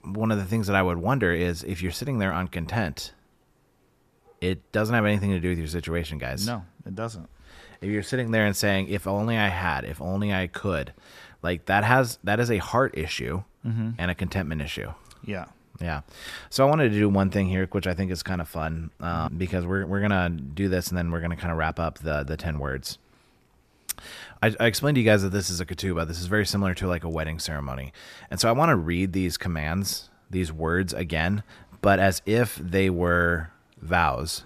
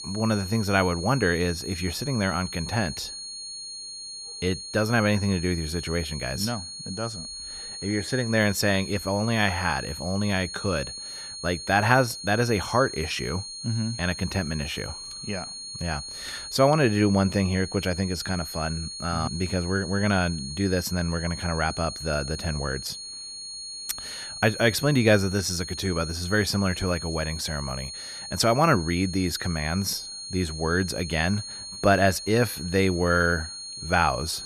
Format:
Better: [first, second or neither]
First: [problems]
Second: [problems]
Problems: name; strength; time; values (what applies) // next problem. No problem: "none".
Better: first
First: none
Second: high-pitched whine; loud; throughout; 4.5 kHz, 9 dB below the speech